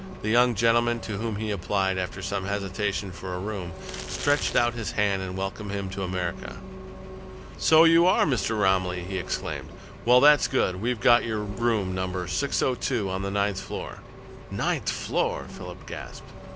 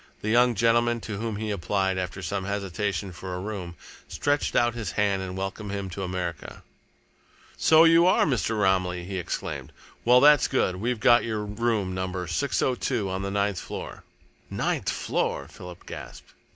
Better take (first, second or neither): second